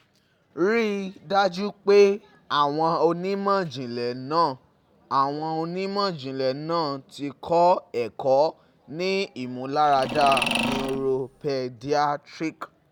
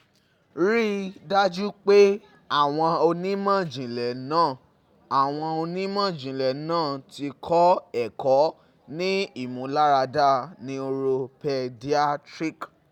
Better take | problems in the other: second | background sound (Mechanisms); 5 dB below the speech

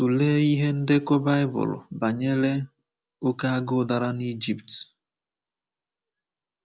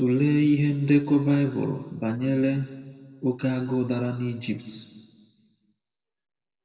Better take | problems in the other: first | room echo; dies away in 1.4 s

